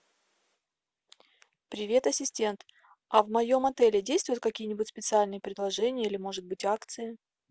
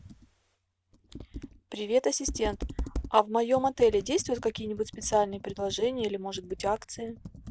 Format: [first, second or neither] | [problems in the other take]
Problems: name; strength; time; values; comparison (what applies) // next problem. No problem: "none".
first | background sound (Computer keyboard); 12 dB below the speech